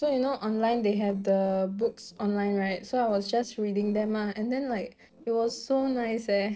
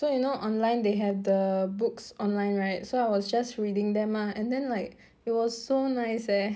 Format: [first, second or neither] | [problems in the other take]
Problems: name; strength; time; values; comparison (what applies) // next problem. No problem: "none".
second | noise reduction (neural separator model SepFormer DNS4)